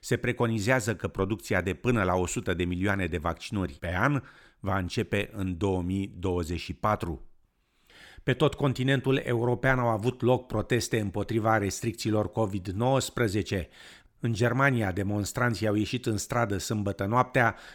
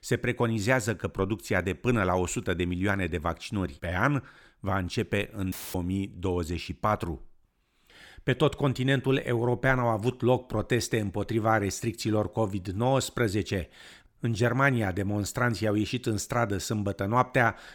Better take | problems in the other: first | audio cutting out; filled with static; at 5.5 s

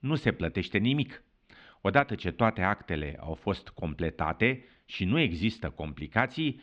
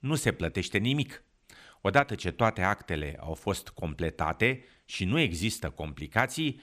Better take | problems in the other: second | muffled; slightly; fading above 4 kHz

